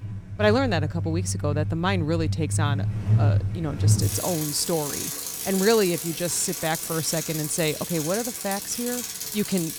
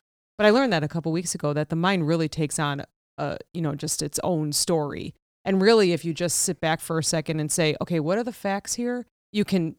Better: second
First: traffic noise; loud; throughout; 1 dB below the speech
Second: none

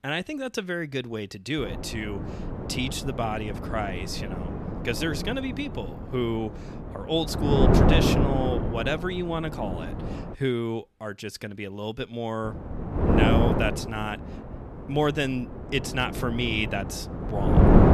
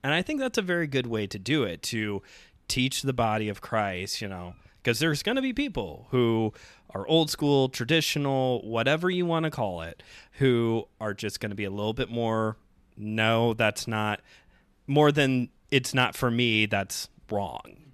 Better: second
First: wind noise on the microphone; heavy; from 1.5 to 10 s and from 12 s on; 1 dB below the speech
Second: none

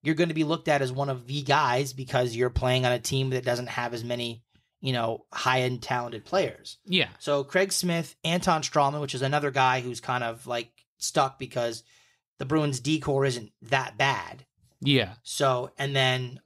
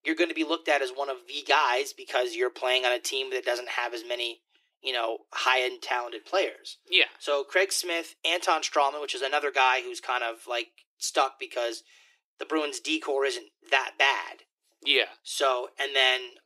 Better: first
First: none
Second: thin; very; fading below 300 Hz

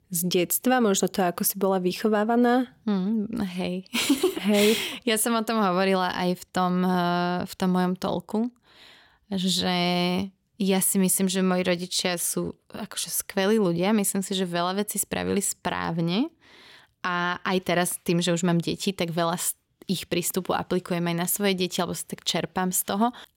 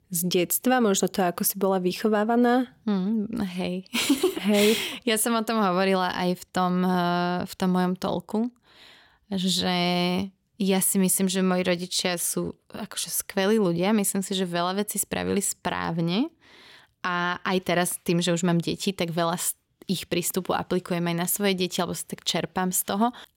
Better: neither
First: none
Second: none

